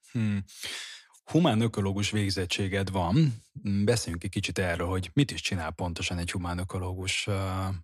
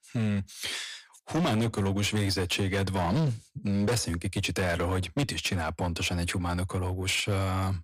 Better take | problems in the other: first | distortion; heavy; 15% of the sound clipped

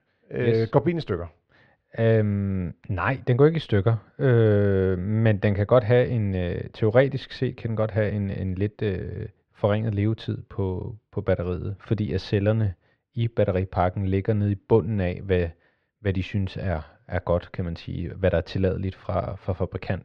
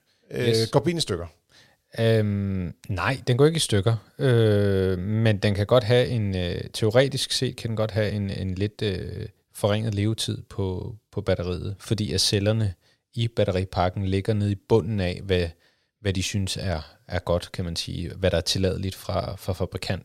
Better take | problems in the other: second | muffled; very; fading above 2.5 kHz

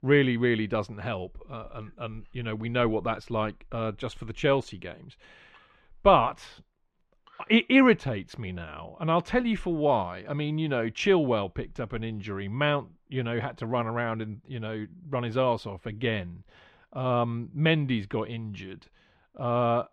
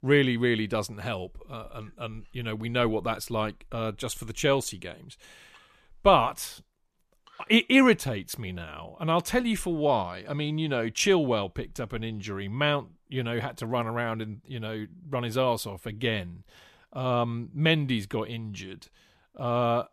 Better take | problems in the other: second | muffled; slightly; fading above 3 kHz

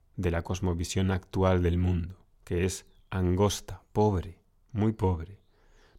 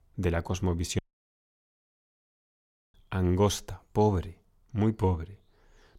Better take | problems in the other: first | audio cutting out; at 1 s for 2 s

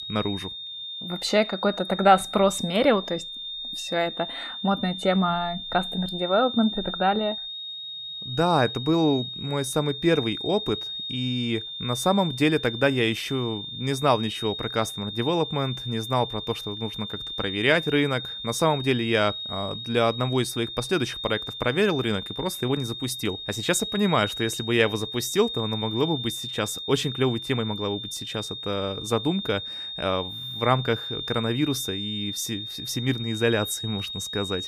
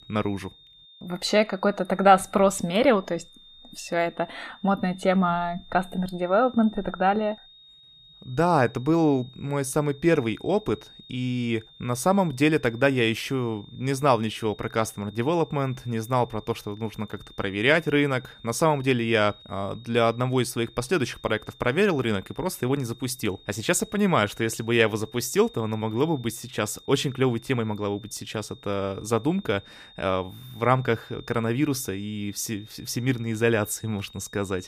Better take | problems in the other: second | high-pitched whine; loud; throughout; 3.5 kHz, 6 dB below the speech; faint in the second

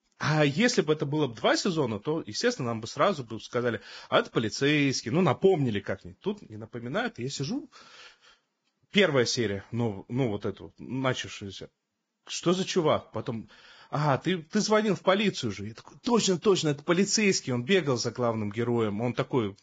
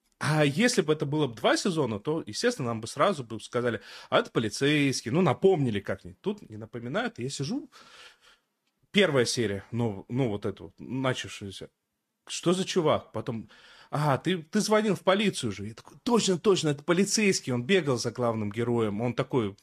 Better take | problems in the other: second | garbled, watery; badly; nothing above 7.5 kHz; slightly in the second

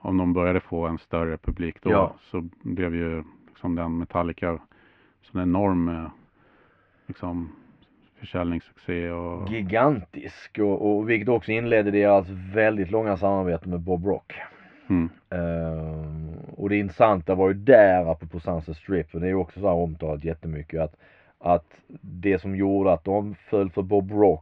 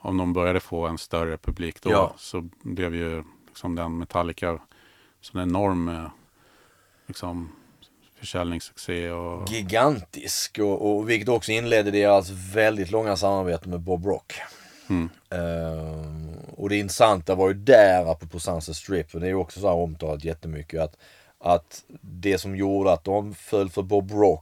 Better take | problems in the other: second | muffled; very; fading above 2.5 kHz

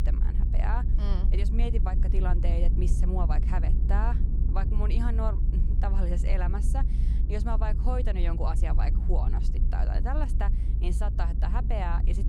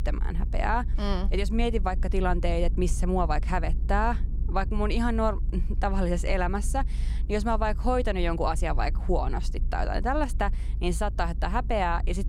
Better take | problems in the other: second | low rumble; loud; throughout; 8 dB below the speech; faint in the second

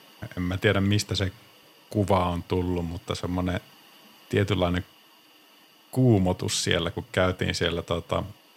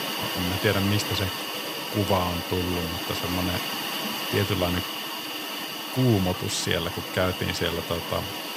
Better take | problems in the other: first | hiss; loud; throughout; 2 dB below the speech; faint in the first

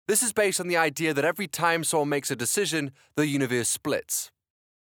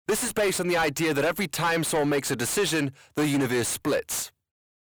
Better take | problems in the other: first | distortion; heavy; 6 dB below the speech

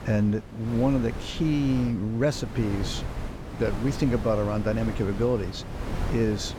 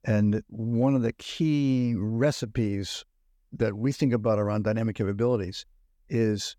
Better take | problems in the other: second | wind noise on the microphone; heavy; 10 dB below the speech

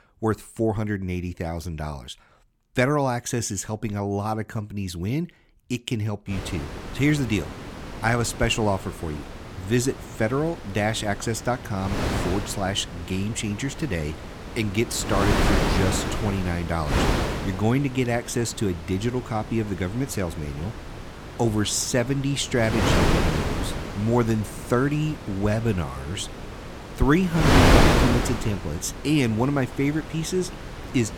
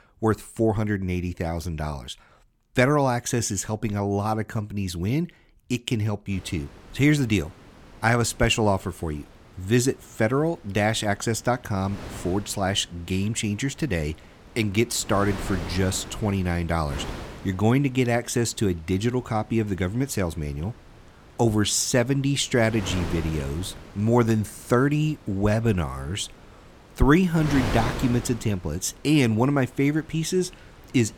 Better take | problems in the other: second | wind noise on the microphone; heavy; from 6.5 s on; as loud as the speech; occasional gusts in the second

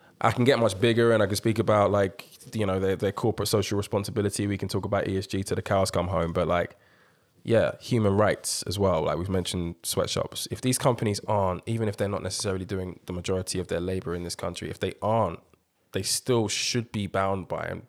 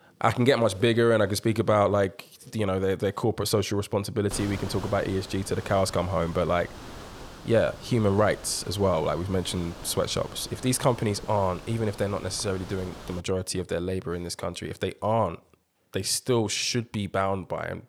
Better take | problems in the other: first | wind noise on the microphone; occasional gusts; from 4.5 to 13 s; 15 dB below the speech

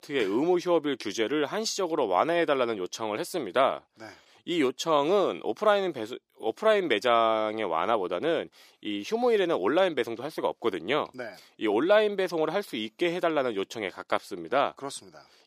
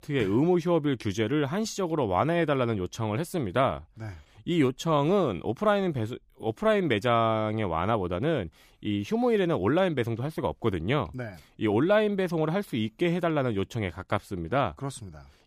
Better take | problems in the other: second | thin; somewhat; fading below 400 Hz

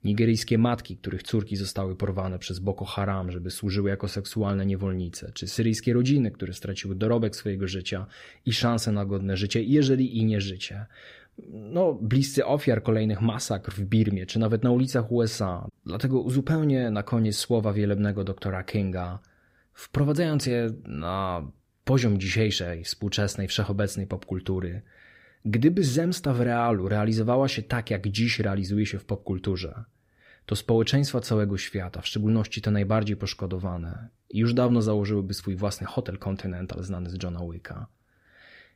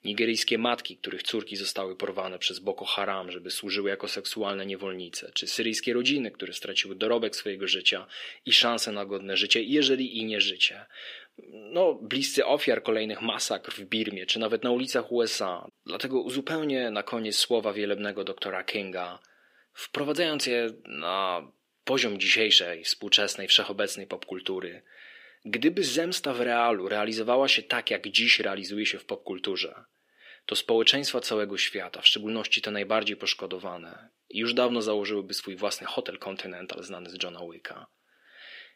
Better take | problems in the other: first | thin; somewhat; fading below 350 Hz

